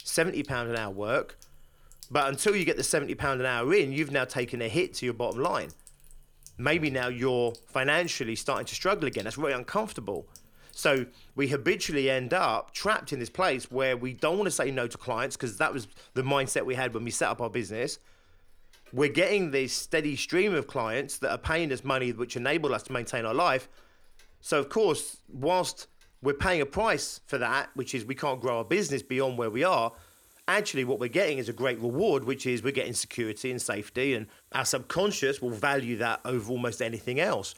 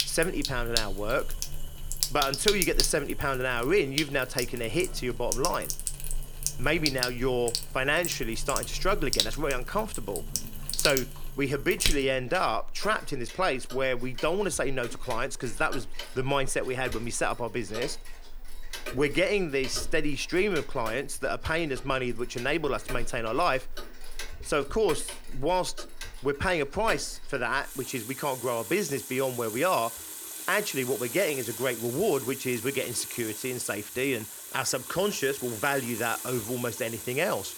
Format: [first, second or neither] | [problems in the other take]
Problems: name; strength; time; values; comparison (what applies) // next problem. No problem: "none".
first | household noises; loud; throughout; 6 dB below the speech; faint in the first